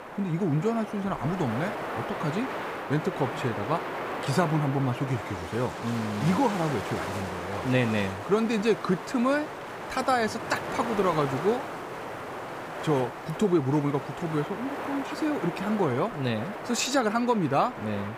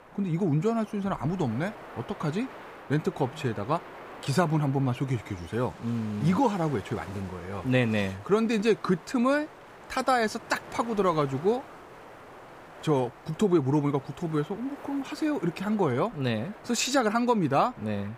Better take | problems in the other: second | wind noise on the microphone; heavy; 4 dB below the speech; occasional gusts in the second

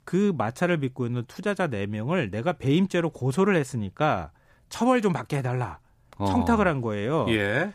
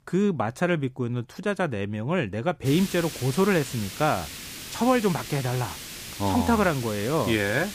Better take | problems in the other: first | hiss; noticeable; from 2.5 s on; 10 dB below the speech

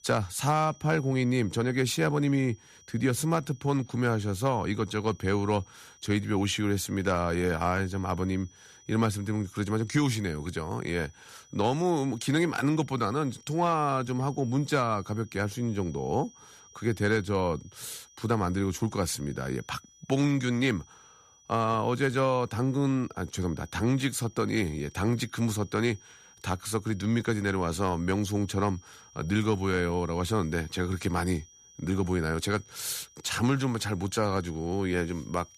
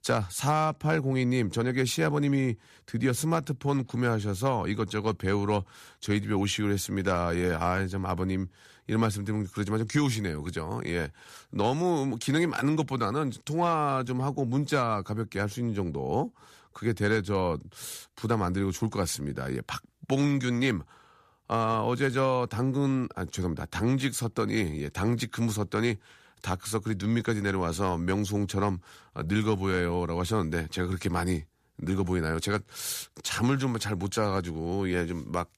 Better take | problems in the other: second | high-pitched whine; faint; throughout; 5.5 kHz, 25 dB below the speech

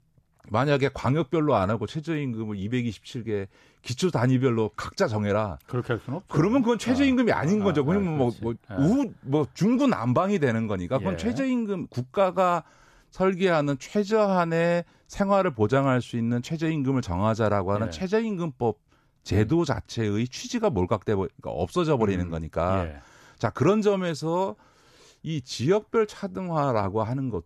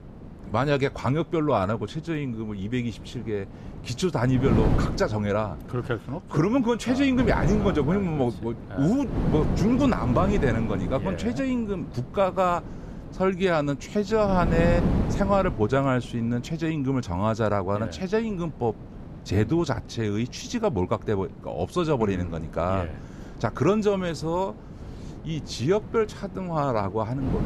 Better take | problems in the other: first | wind noise on the microphone; occasional gusts; 10 dB below the speech

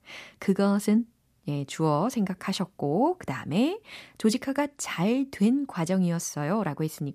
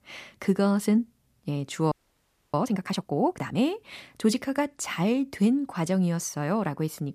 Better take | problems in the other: first | audio freezing; at 2 s for 0.5 s

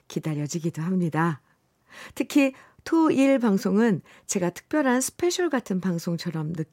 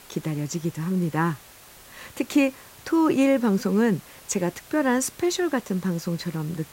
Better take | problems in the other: first | hiss; faint; throughout; 20 dB below the speech

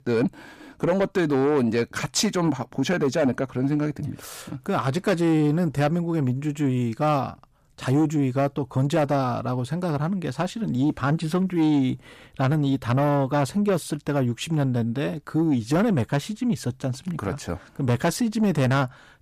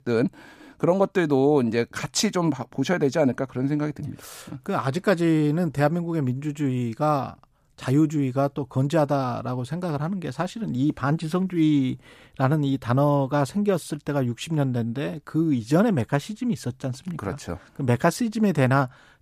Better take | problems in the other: second | distortion; slight; 10 dB below the speech

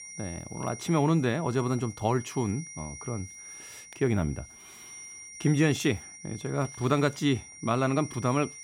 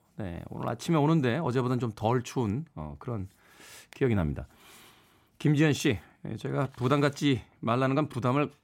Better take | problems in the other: second | high-pitched whine; noticeable; throughout; 5.5 kHz, 15 dB below the speech

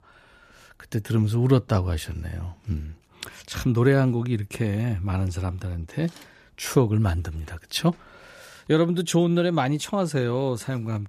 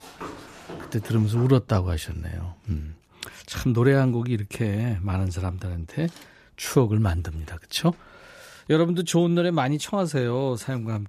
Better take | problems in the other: first | footsteps; faint; until 1.5 s; peak 15 dB below the speech

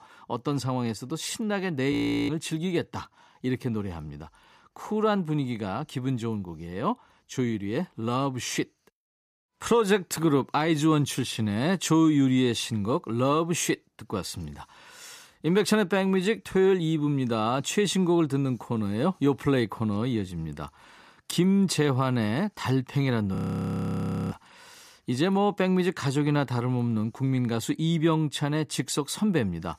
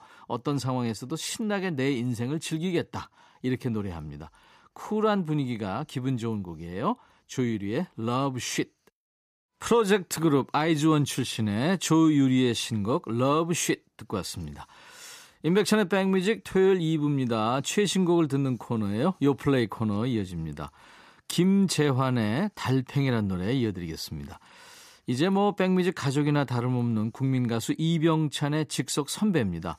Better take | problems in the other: second | audio freezing; at 2 s and at 23 s for 1 s

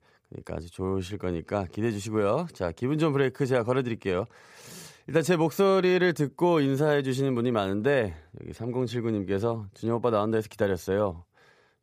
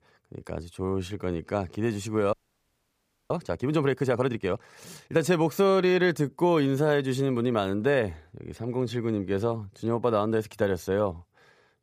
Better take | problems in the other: first | audio freezing; at 2.5 s for 1 s

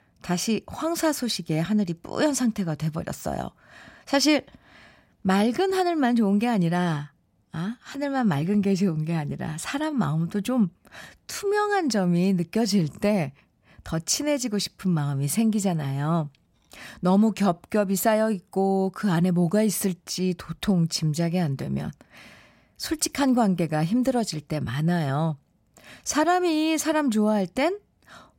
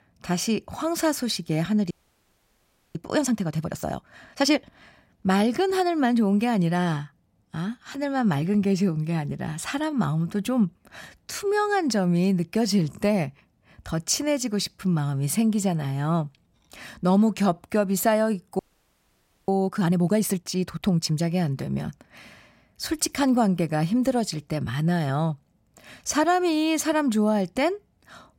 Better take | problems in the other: first | audio freezing; at 2 s for 1 s and at 19 s for 1 s

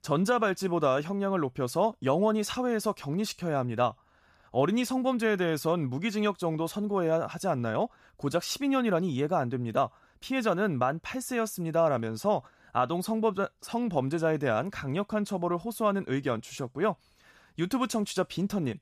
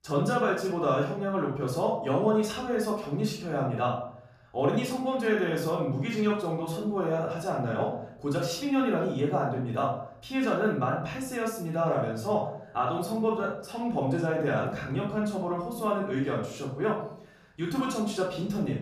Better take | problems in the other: first | off-mic speech; far // room echo; noticeable; dies away in 0.6 s

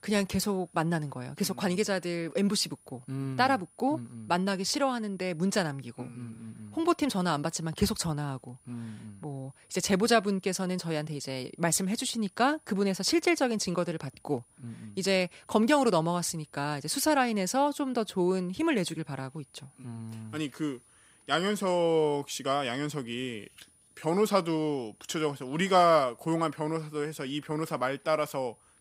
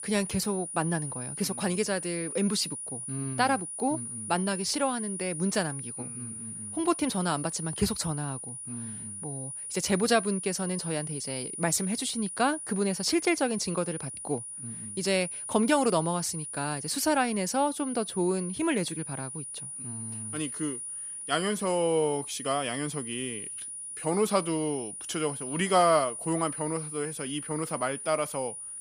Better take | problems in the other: first | high-pitched whine; loud; throughout; 9.5 kHz, 7 dB below the speech; faint in the first

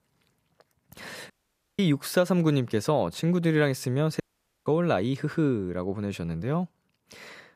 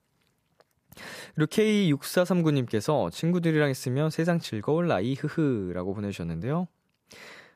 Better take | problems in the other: second | audio cutting out; at 1.5 s and at 4 s

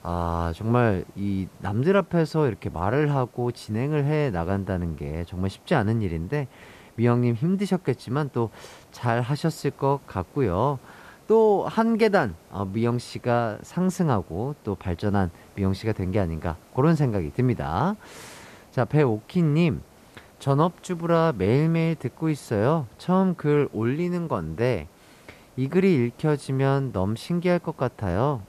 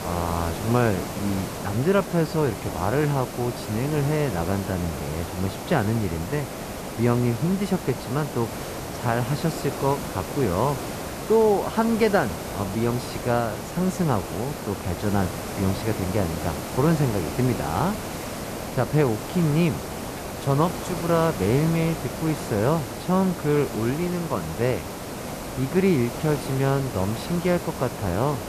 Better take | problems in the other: first | hiss; loud; throughout; 7 dB below the speech; faint in the first

